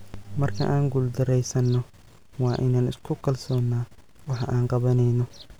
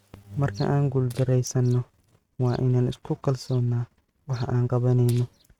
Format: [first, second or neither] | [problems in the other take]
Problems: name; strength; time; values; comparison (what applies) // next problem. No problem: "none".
first | noise reduction (neural mask model RNNoise)